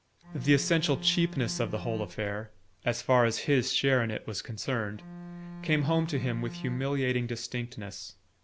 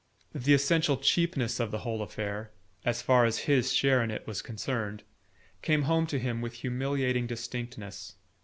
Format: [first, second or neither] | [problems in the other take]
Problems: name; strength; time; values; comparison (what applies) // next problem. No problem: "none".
second | background sound (Bowed string instrument); 12 dB below the speech